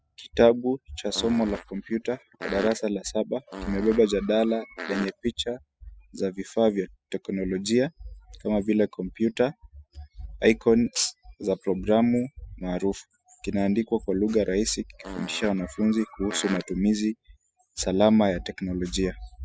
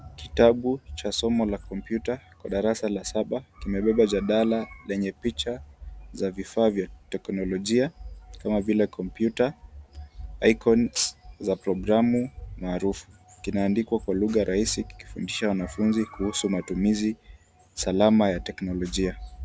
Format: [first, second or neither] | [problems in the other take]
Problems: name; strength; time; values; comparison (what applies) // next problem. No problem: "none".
second | noise reduction (classical method spectral subtraction)